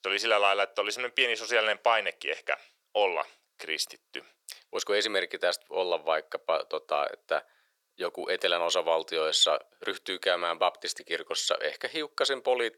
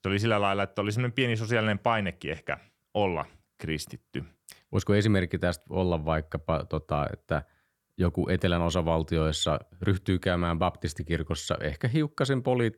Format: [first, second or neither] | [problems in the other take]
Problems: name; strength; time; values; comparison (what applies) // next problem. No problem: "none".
second | thin; very; fading below 500 Hz